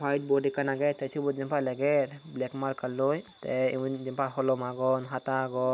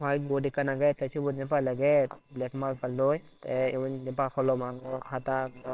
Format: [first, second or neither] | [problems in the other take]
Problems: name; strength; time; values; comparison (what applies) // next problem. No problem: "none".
first | noise reduction (neural separator model SepFormer WHAMR!)